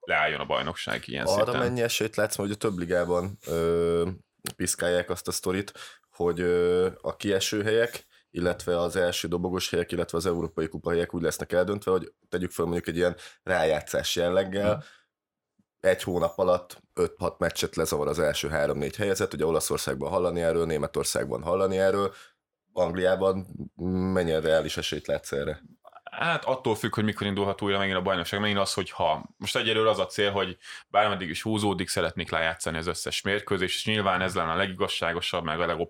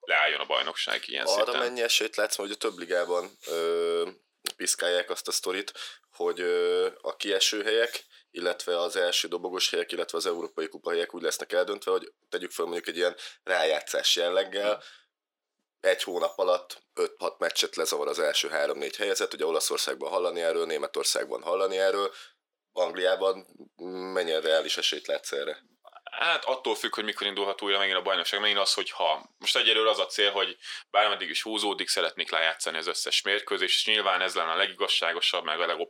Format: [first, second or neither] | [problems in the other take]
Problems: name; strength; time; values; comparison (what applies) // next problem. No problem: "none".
first | thin; somewhat; fading below 300 Hz